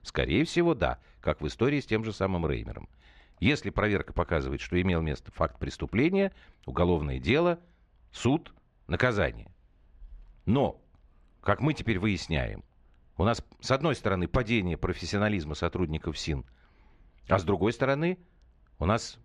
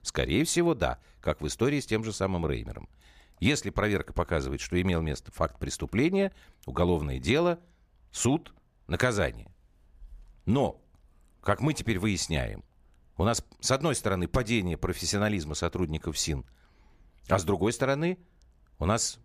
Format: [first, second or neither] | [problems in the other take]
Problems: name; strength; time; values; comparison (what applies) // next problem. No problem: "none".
second | muffled; slightly; fading above 3 kHz